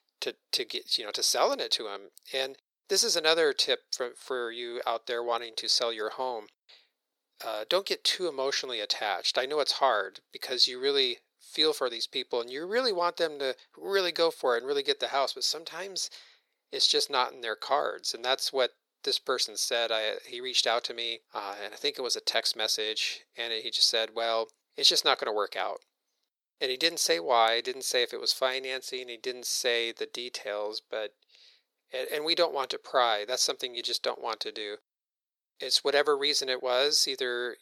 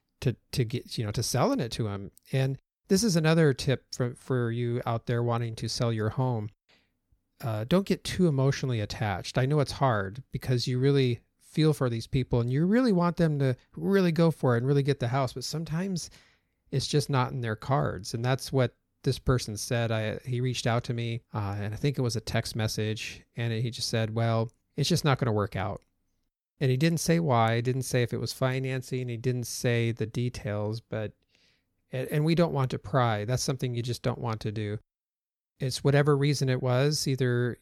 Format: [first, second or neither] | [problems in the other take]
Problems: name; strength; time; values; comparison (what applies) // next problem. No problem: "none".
second | thin; very; fading below 450 Hz